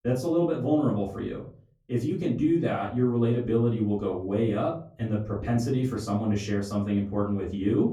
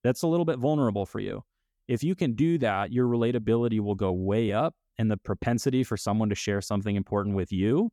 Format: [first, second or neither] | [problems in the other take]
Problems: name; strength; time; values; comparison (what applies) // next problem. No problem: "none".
second | off-mic speech; far // room echo; slight; dies away in 0.4 s